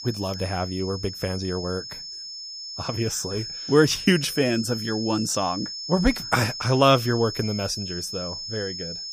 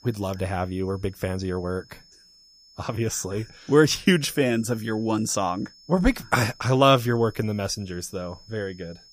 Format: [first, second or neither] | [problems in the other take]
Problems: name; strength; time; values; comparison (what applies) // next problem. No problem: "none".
second | high-pitched whine; loud; throughout; 5 kHz, 7 dB below the speech; faint in the second